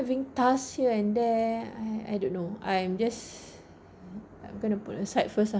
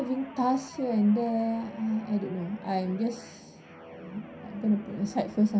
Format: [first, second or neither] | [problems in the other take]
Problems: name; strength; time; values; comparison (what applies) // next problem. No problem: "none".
first | background sound (Guitar); 18 dB below the speech // room echo; dies away in 0.3 s